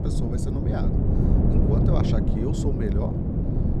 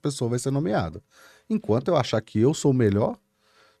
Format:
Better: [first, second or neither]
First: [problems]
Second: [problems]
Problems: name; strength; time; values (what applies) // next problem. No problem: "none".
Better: second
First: wind noise on the microphone; heavy; 2 dB above the speech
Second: none